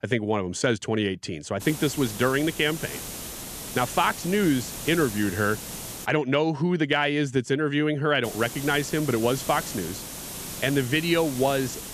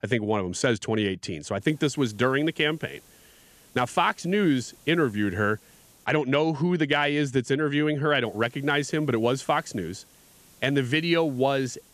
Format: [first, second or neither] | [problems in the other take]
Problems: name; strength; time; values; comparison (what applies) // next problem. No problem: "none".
second | hiss; loud; from 1.5 to 6 s and from 8 s on; 10 dB below the speech; faint in the second